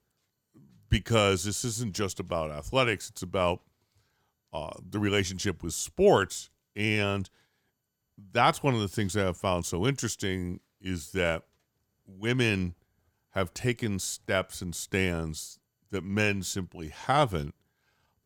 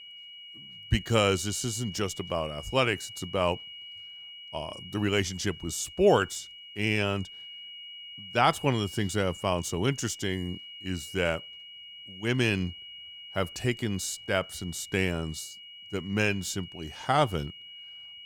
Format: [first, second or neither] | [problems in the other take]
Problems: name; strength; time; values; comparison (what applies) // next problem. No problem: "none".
first | high-pitched whine; noticeable; throughout; 3 kHz, 15 dB below the speech